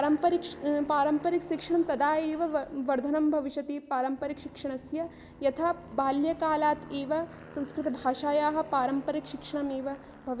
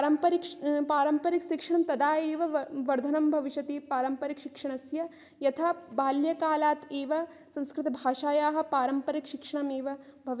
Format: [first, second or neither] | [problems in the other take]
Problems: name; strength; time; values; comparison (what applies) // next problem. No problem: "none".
second | background sound (Aircraft); 19 dB below the speech